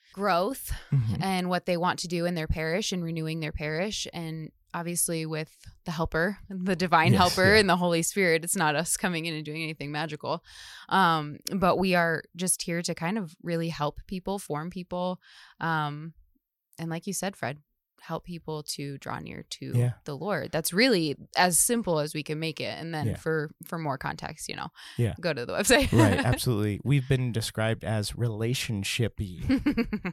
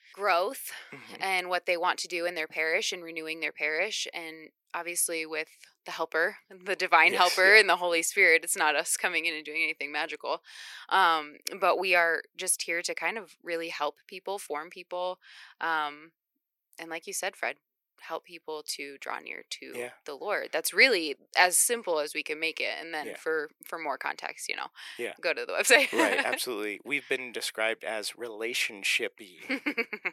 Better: first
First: none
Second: thin; very; fading below 350 Hz

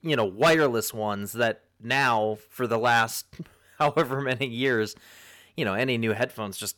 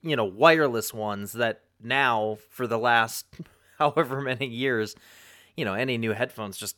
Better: second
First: distortion; slight; 1.9% of the sound clipped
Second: none

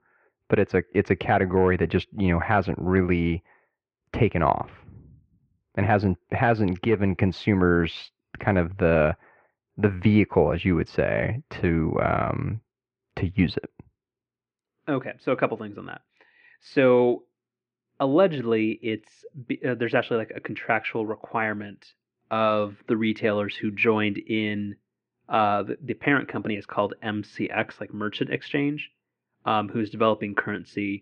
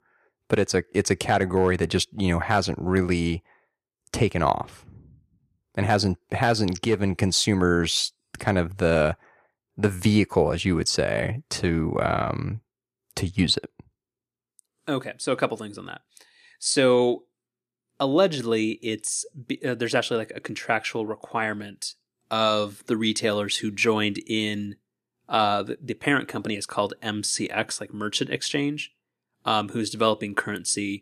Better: second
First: muffled; very; fading above 2.5 kHz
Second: none

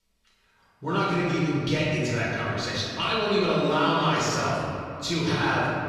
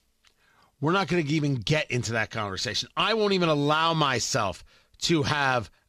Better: second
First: off-mic speech; far // room echo; strong; dies away in 2.3 s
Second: none

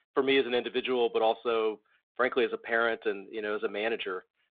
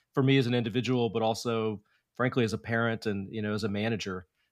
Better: second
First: phone-call audio; nothing above 3.5 kHz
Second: none

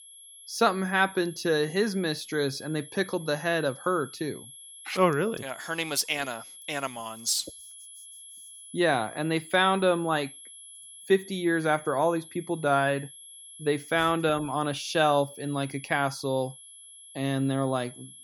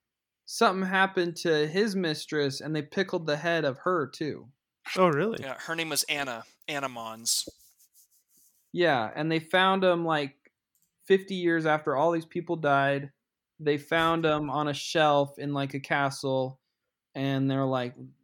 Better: second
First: high-pitched whine; noticeable; throughout; 11 kHz, 15 dB below the speech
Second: none

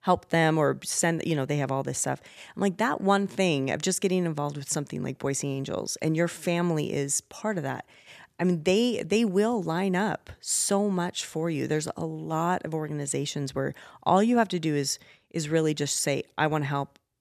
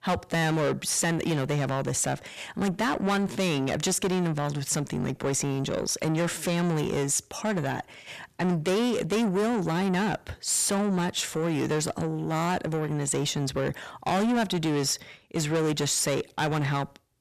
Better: first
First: none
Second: distortion; heavy; 6 dB below the speech

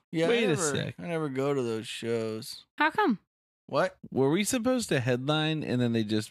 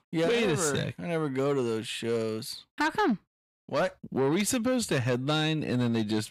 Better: first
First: none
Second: distortion; slight; 10 dB below the speech

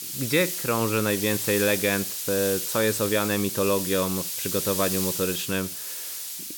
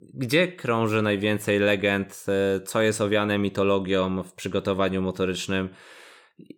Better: second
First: hiss; loud; throughout; 3 dB below the speech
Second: none

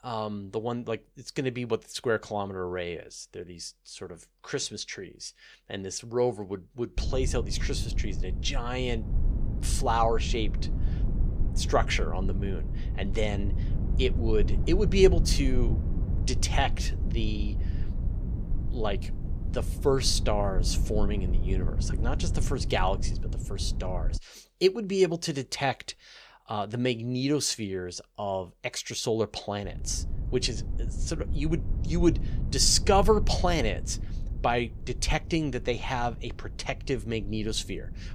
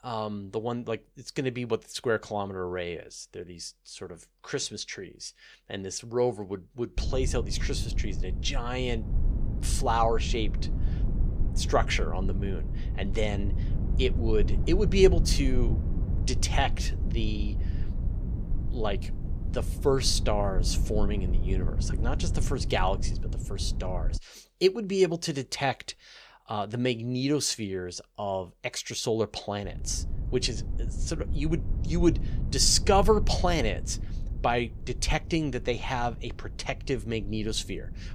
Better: neither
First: low rumble; noticeable; from 7 to 24 s and from 30 s on; 15 dB below the speech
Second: low rumble; noticeable; from 7 to 24 s and from 30 s on; 15 dB below the speech

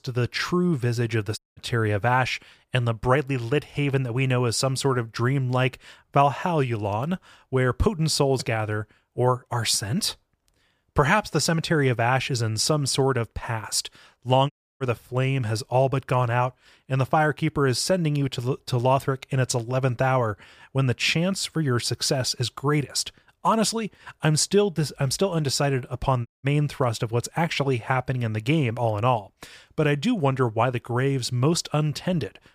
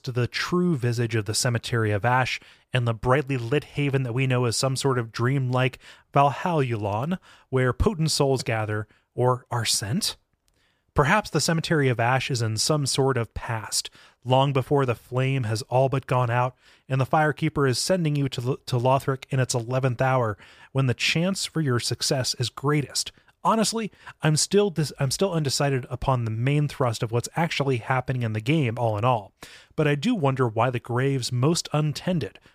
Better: second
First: audio cutting out; at 1.5 s, at 15 s and at 26 s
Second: none

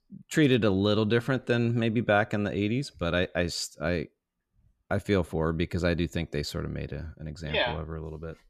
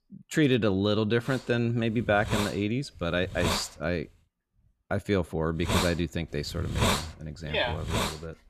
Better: first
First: none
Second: hiss; loud; from 1.5 to 4 s and from 5.5 s on; 3 dB below the speech

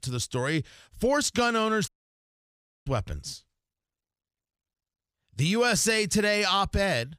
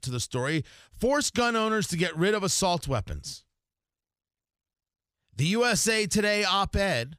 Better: second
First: audio cutting out; at 2 s for 1 s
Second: none

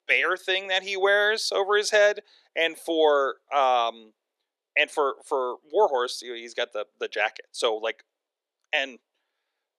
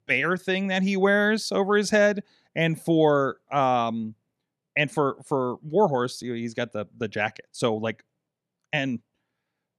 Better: second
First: thin; very; fading below 400 Hz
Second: none

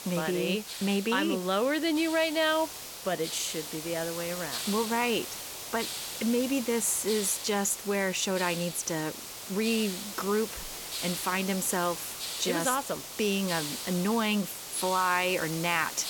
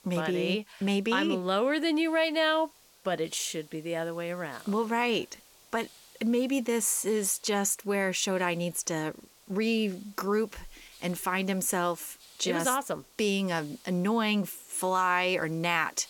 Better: second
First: hiss; loud; throughout; 7 dB below the speech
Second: hiss; faint; throughout; 25 dB below the speech

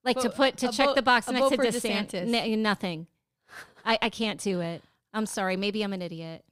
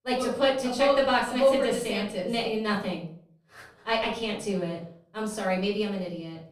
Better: first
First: none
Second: off-mic speech; far // room echo; slight; dies away in 0.4 s

